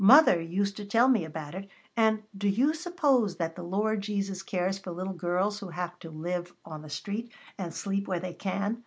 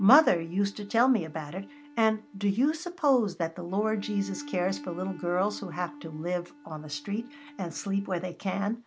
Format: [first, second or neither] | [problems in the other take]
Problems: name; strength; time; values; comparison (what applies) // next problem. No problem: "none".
first | background sound (Bowed string instrument); 19 dB below the speech